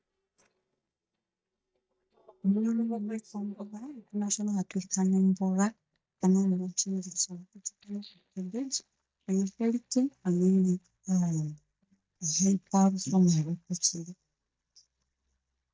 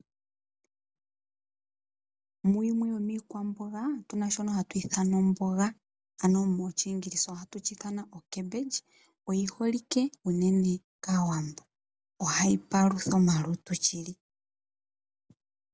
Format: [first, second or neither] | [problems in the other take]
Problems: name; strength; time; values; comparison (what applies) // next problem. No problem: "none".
second | noise reduction (neural mask model DeepFilterNet 3)